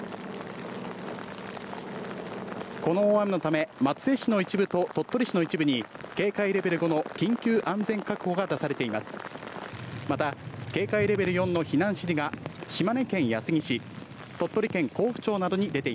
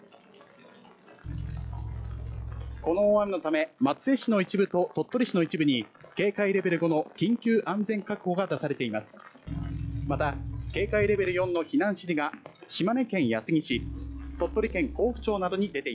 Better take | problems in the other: first | noise reduction (classical method log-MMSE)

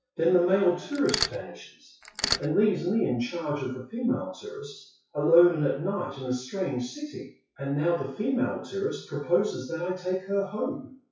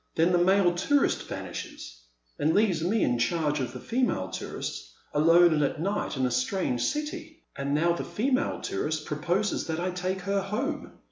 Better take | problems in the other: second | noise reduction (classical method WPE with log-MMSE)

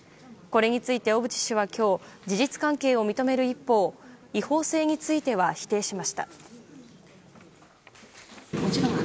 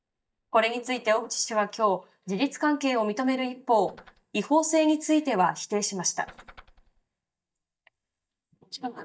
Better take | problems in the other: first | noise reduction (neural mask model DeepFilterNet 3)

